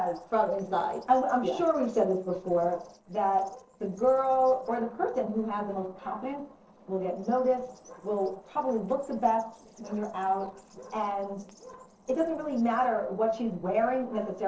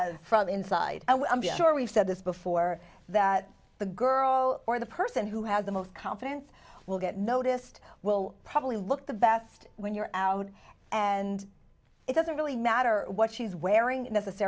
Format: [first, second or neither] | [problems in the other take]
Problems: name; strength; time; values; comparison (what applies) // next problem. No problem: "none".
second | noise reduction (neural separator model SepFormer DNS4)